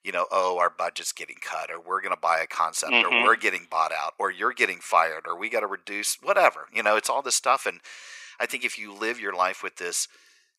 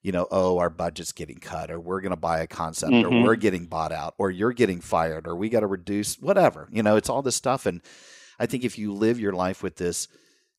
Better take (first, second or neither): second